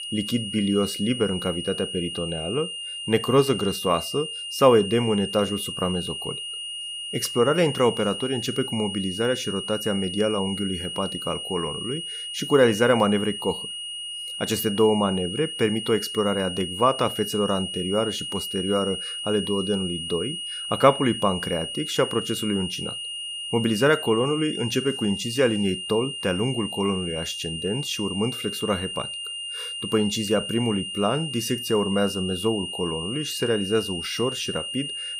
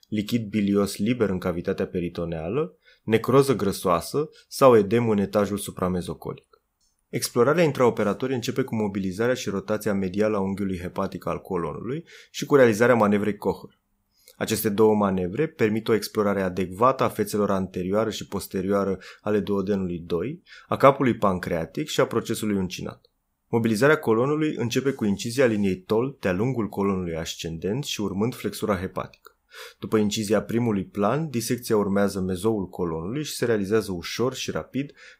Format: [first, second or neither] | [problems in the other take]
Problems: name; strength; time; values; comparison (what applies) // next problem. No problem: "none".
second | high-pitched whine; loud; throughout; 3 kHz, 6 dB below the speech